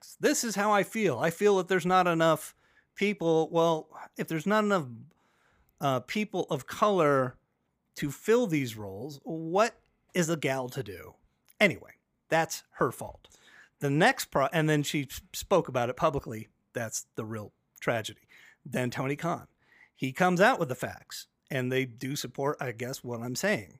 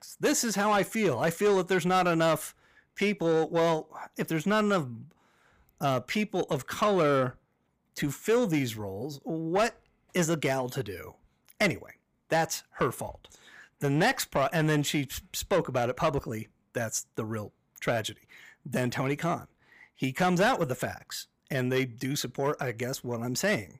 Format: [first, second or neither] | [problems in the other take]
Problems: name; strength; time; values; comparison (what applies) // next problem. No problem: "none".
first | distortion; slight; 10 dB below the speech